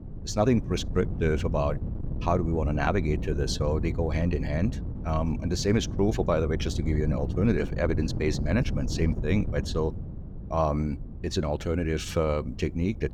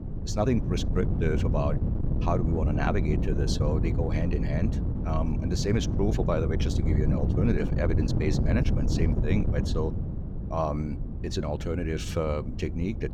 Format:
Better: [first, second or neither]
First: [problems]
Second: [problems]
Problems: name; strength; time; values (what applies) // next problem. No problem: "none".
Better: first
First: wind noise on the microphone; occasional gusts; 15 dB below the speech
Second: wind noise on the microphone; heavy; 6 dB below the speech